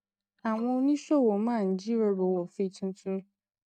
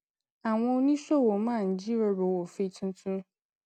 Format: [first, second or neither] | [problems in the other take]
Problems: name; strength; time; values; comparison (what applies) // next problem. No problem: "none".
second | noise reduction (neural mask model DeepFilterNet 3)